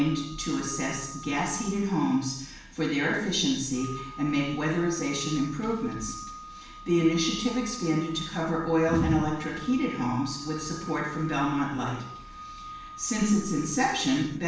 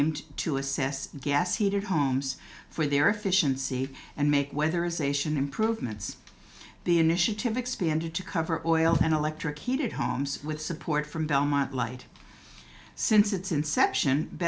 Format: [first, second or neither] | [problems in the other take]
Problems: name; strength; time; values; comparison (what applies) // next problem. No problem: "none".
second | background sound (Organ); 16 dB below the speech // room echo; dies away in 0.6 s